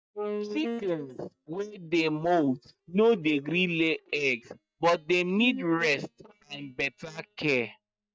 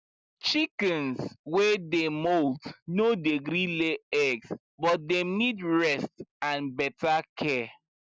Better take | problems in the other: second | noise reduction (neural mask model DeepFilterNet 3)

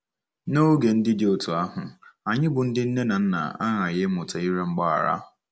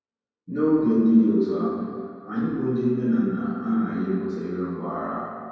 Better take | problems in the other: first | room echo; dies away in 2.2 s

